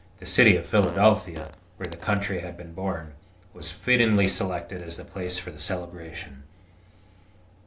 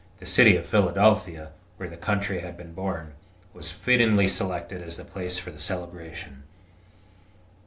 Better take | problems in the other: second | background sound (Fart); 14 dB below the speech

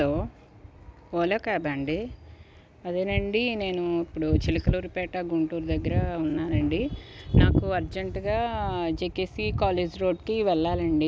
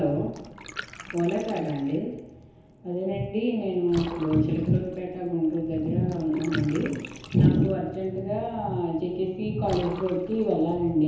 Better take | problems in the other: first | background sound (Bathtub (filling or washing) / Water); 17 dB below the speech // room echo; dies away in 1 s

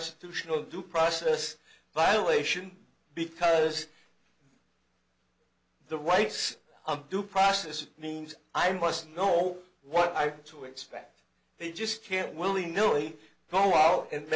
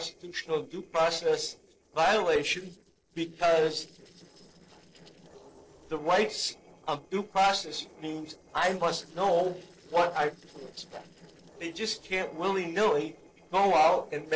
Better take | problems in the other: first | noise reduction (neural separator model SepFormer DNS4)

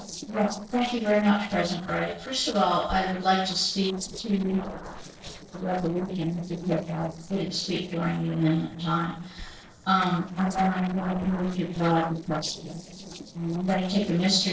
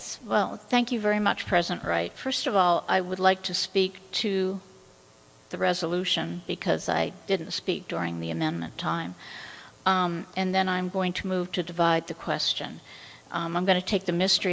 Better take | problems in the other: second | noise reduction (neural separator model SepFormer DNS4)

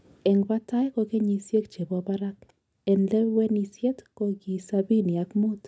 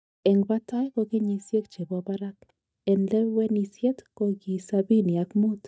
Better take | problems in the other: first | noise reduction (neural mask model DeepFilterNet 3)

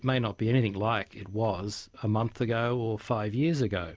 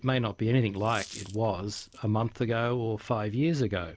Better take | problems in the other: first | background sound (Coin (dropping)); 19 dB below the speech

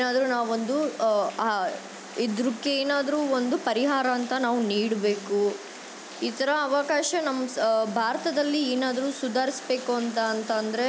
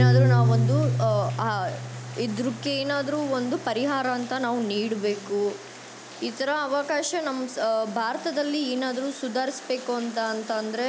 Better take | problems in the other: first | background sound (Piano); 2 dB below the speech

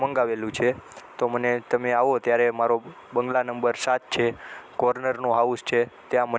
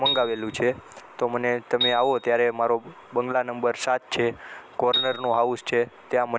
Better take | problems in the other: first | background sound (Piano); 8 dB below the speech

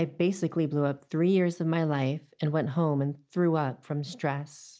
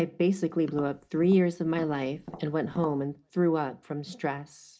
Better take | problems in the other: first | background sound (Tap); 16 dB below the speech // room echo; dies away in 0.3 s

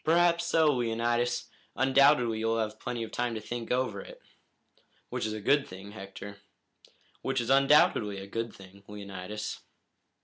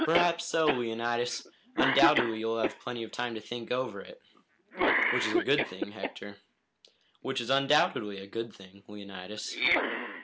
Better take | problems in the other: first | background sound (Cough); 2 dB below the speech

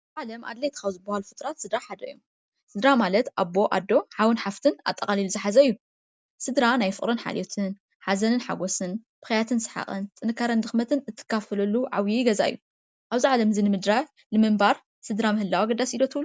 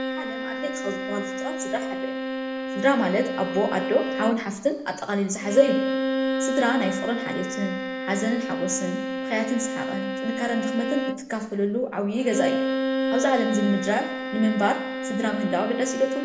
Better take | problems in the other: first | background sound (Bowed string instrument); 3 dB below the speech // room echo; dies away in 0.8 s

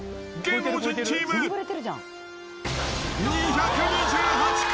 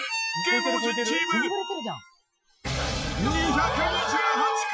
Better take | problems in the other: first | noise reduction (classical method Wiener filter)

